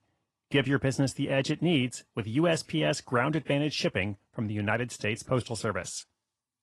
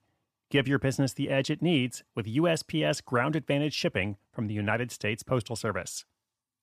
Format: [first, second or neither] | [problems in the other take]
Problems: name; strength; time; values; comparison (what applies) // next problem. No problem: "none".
second | garbled, watery; slightly; nothing above 11 kHz